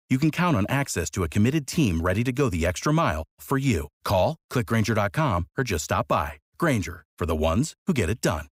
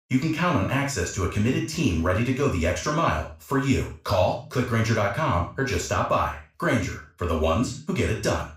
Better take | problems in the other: first | room echo; noticeable; dies away in 0.3 s // off-mic speech; far

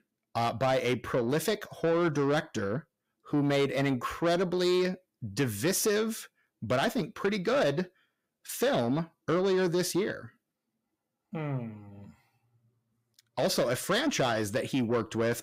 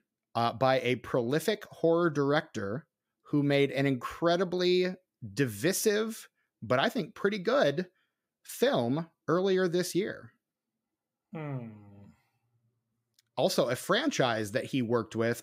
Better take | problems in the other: second | distortion; slight; 10 dB below the speech

